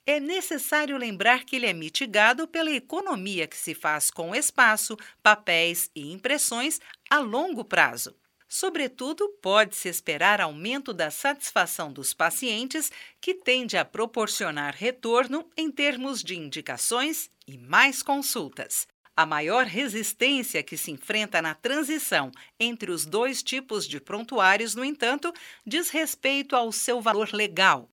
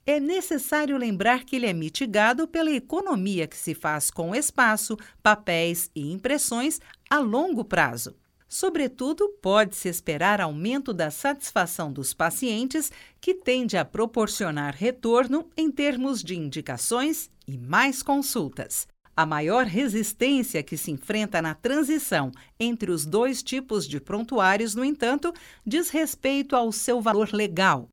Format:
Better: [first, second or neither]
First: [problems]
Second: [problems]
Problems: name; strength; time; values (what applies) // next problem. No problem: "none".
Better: second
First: thin; very slightly; fading below 500 Hz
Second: none